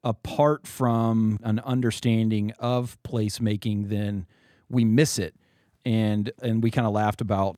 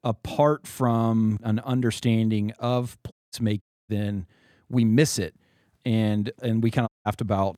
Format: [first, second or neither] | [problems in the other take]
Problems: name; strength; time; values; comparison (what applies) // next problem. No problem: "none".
first | audio cutting out; at 3 s, at 3.5 s and at 7 s